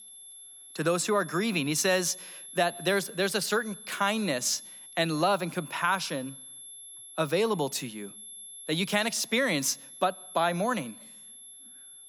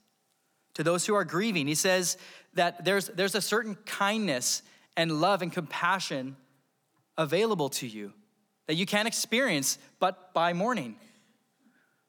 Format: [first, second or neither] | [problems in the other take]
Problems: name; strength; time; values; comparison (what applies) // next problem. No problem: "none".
second | high-pitched whine; noticeable; throughout; 11 kHz, 15 dB below the speech